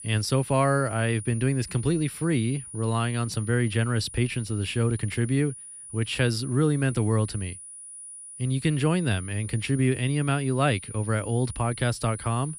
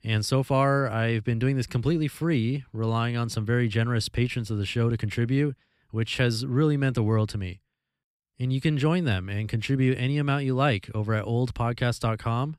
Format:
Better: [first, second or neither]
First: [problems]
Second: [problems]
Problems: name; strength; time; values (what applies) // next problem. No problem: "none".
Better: second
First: high-pitched whine; noticeable; throughout; 9.5 kHz, 15 dB below the speech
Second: none